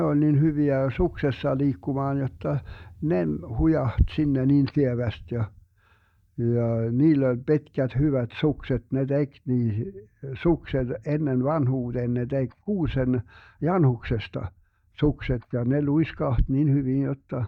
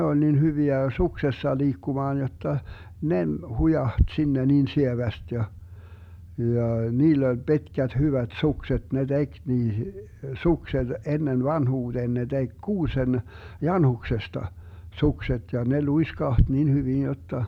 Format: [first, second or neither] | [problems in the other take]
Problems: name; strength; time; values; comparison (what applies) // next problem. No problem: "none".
second | noise reduction (neural mask model DeepFilterNet 3)